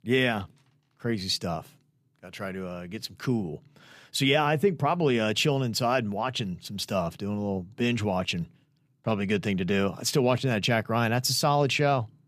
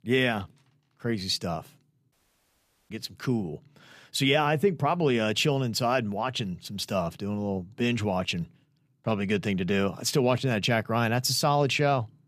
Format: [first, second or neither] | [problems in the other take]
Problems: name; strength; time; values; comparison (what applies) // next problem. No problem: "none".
first | audio cutting out; at 2 s for 1 s